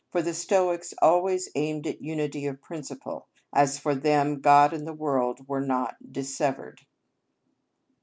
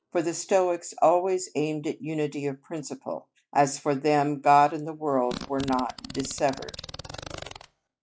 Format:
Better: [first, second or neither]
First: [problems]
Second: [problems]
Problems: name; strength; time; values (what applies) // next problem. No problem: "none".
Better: first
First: none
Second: noise reduction (classical method log-MMSE)